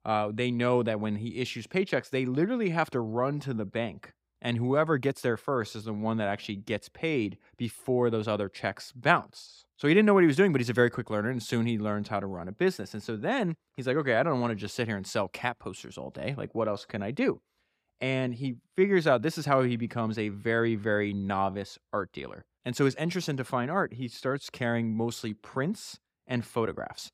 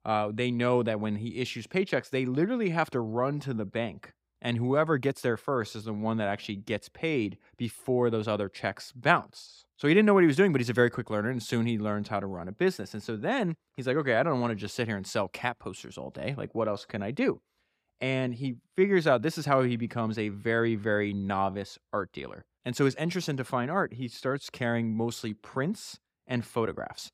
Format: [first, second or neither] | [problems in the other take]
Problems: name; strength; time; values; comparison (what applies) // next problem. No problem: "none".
neither | none